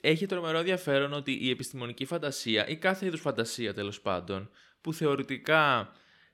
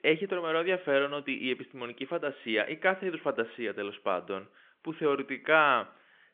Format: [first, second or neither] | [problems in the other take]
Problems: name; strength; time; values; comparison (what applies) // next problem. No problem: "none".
first | phone-call audio; nothing above 3.5 kHz